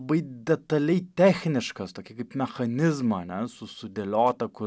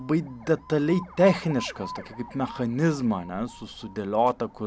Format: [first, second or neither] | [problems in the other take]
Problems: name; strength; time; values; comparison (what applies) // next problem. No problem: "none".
first | background sound (Alarm); 17 dB below the speech